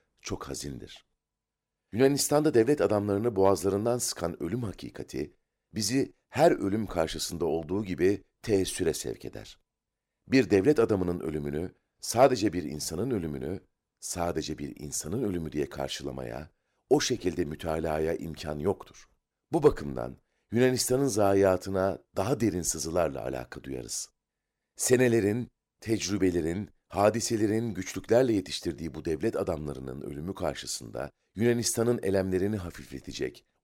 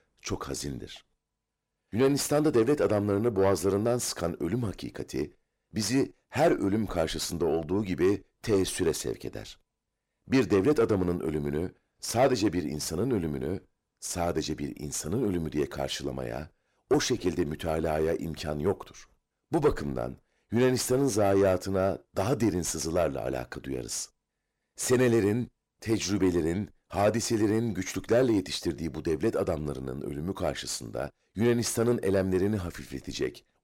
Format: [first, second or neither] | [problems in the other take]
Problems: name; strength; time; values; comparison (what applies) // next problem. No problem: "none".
first | distortion; slight; 10 dB below the speech